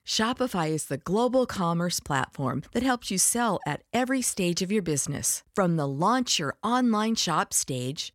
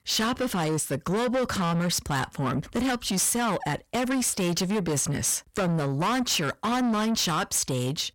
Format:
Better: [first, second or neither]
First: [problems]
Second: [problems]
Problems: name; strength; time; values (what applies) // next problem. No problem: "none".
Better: first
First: none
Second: distortion; heavy; 7 dB below the speech